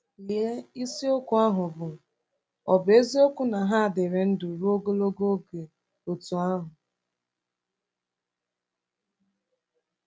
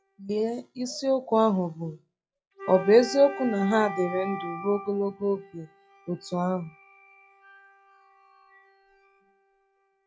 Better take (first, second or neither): first